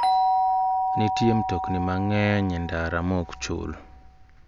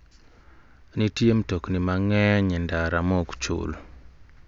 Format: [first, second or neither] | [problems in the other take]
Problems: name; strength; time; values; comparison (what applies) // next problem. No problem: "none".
second | background sound (Doorbell); as loud as the speech